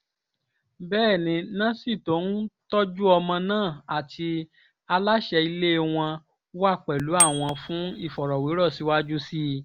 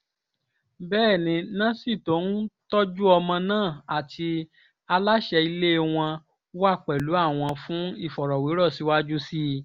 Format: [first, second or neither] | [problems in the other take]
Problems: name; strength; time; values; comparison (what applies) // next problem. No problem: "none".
second | background sound (Bicycle bell); 5 dB below the speech